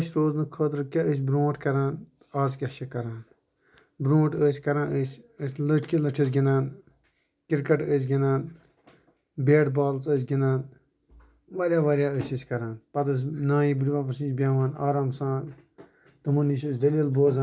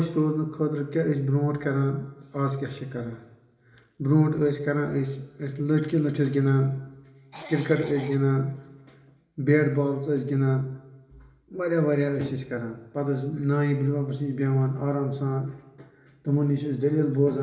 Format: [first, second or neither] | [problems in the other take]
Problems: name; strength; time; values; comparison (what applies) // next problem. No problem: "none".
first | background sound (Cough); 17 dB below the speech // room echo; dies away in 1.7 s